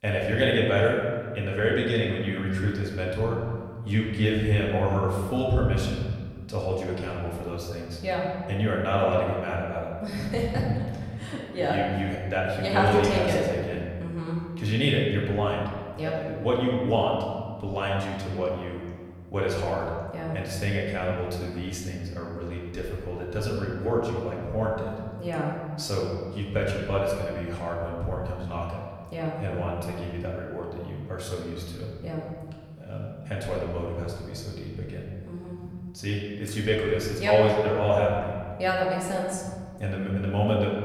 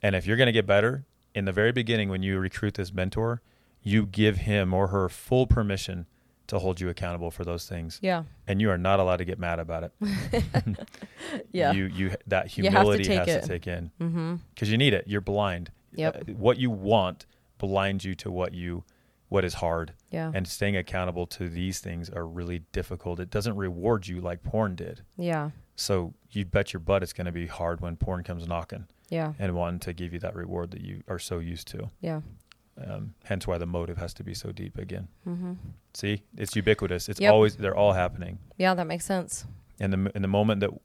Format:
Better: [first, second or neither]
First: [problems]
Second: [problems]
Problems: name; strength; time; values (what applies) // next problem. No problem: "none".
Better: second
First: room echo; noticeable; dies away in 1.5 s // off-mic speech; far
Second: none